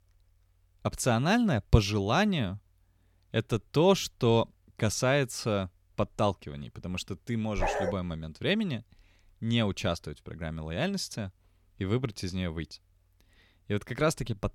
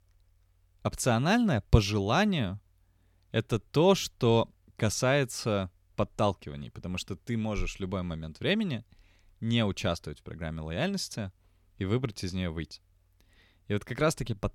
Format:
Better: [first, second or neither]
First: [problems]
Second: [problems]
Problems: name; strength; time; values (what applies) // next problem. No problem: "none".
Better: second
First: dog barking; noticeable; at 7.5 s; peak 2 dB below the speech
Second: none